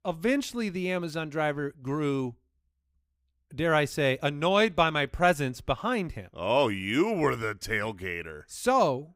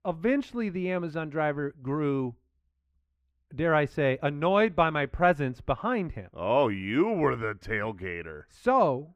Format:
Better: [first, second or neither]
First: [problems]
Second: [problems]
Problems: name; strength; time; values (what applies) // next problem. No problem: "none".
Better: first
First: none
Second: muffled; very; fading above 3.5 kHz